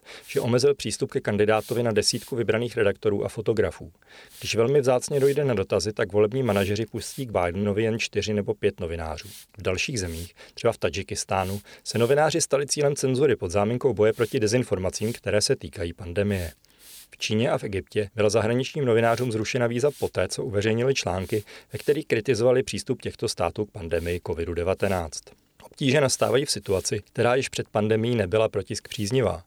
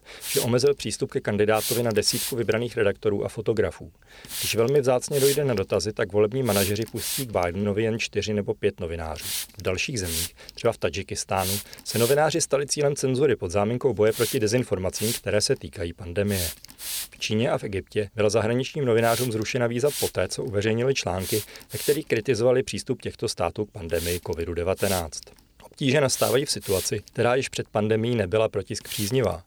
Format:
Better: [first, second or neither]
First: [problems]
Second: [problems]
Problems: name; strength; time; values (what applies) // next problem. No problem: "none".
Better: first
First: hiss; faint; throughout; 20 dB below the speech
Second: hiss; loud; throughout; 6 dB below the speech